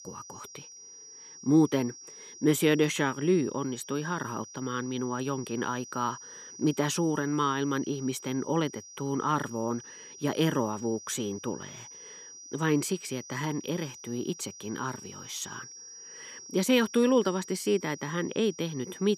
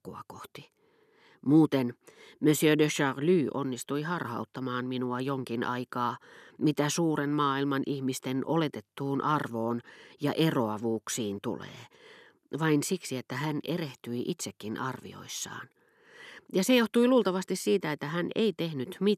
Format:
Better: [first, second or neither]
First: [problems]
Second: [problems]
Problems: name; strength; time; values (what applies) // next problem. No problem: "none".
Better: second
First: high-pitched whine; noticeable; throughout; 5.5 kHz, 15 dB below the speech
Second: none